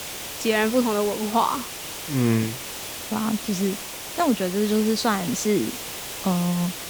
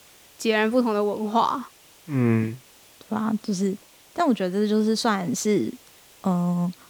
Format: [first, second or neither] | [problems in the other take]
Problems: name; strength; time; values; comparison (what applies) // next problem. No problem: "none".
second | hiss; loud; throughout; 8 dB below the speech; faint in the second